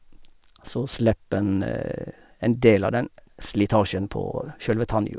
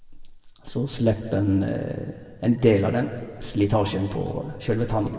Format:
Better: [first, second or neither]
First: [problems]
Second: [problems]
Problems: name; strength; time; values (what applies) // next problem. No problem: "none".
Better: first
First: none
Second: room echo; dies away in 1.7 s